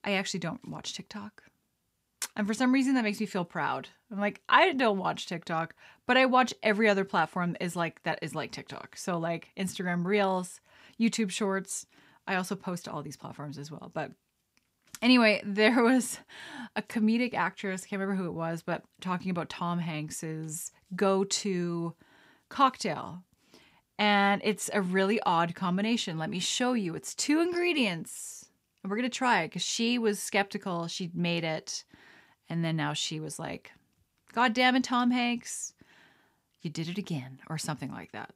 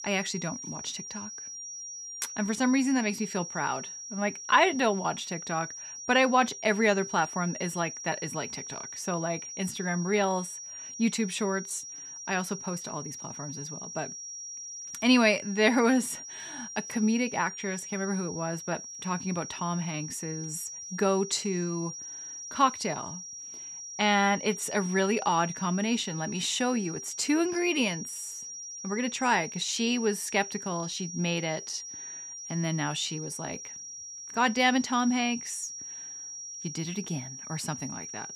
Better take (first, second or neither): first